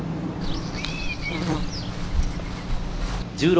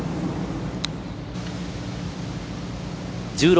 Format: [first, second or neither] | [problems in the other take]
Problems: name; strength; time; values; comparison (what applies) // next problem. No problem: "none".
second | background sound (Walk, footsteps / Insect); as loud as the speech // room echo; dies away in 2.9 s